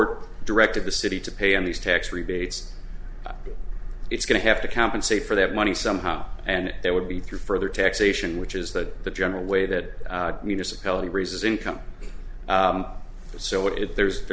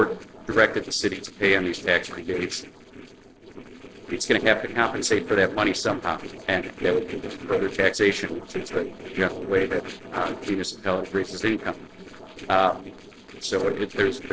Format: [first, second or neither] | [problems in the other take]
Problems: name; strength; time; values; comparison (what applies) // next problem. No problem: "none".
first | noise reduction (neural separator model SepFormer DNS4)